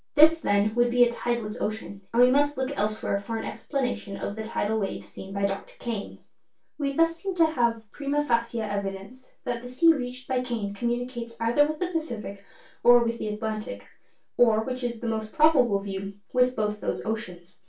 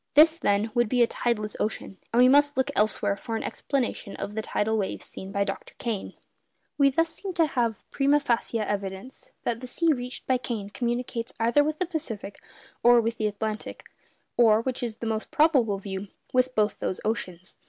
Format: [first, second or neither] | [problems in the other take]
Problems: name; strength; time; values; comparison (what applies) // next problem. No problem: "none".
second | room echo; dies away in 0.2 s